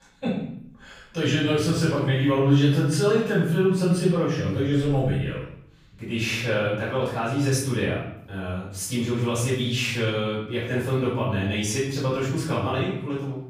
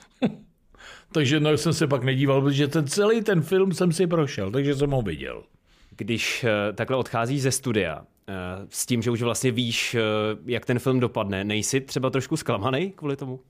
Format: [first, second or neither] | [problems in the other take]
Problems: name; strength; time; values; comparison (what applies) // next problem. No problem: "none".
second | off-mic speech; far // room echo; noticeable; dies away in 0.7 s